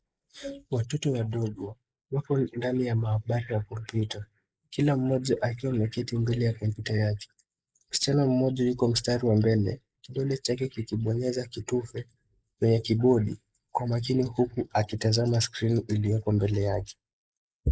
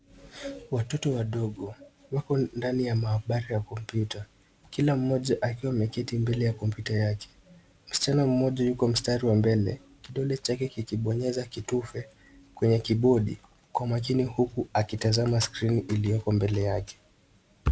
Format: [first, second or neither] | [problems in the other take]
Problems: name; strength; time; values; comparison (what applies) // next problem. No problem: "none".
second | noise reduction (neural mask model Resemble Enhance denoiser)